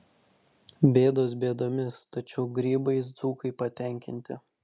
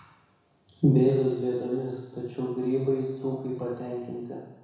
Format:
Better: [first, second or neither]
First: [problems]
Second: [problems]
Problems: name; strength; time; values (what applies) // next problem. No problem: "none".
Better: first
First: none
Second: room echo; dies away in 1.1 s